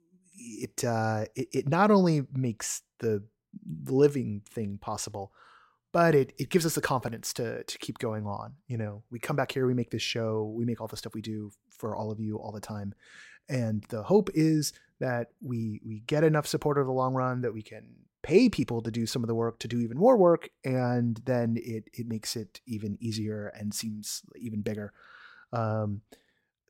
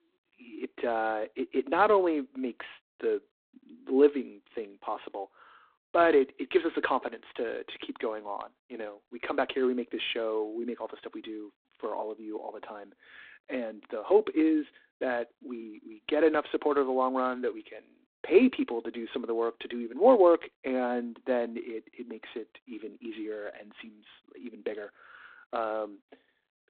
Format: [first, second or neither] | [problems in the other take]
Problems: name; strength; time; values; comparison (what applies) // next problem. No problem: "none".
first | phone-call audio; poor line